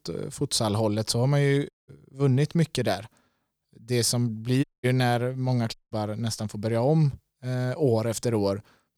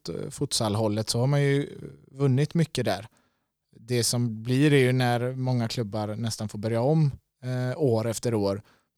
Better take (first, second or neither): second